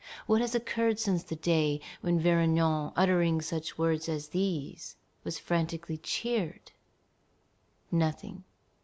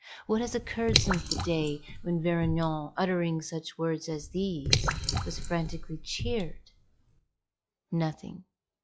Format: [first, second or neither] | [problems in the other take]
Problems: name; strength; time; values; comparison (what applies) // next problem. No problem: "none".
first | noise reduction (classical method log-MMSE)